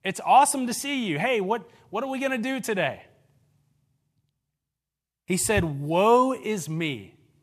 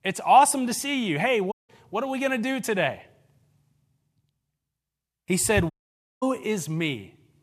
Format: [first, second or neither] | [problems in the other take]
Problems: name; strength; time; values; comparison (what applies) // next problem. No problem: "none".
first | audio cutting out; at 1.5 s and at 5.5 s for 0.5 s